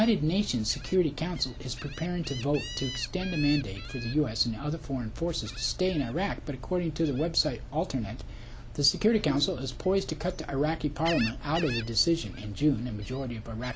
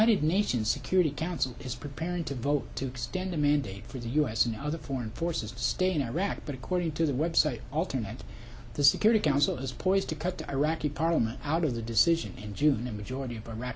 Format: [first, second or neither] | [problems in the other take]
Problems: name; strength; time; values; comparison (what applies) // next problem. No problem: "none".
second | background sound (Gull, seagull); 16 dB below the speech